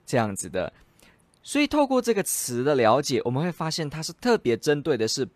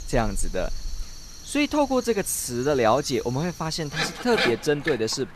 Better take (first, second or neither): first